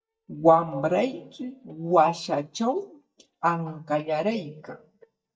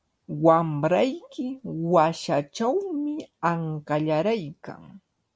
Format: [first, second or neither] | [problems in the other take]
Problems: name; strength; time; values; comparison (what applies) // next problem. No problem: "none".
second | noise reduction (neural mask model DeepFilterNet 3)